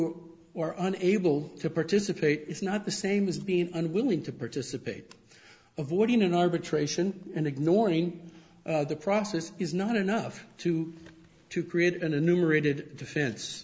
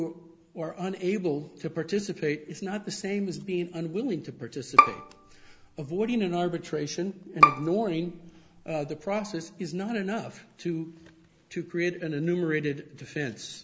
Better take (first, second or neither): first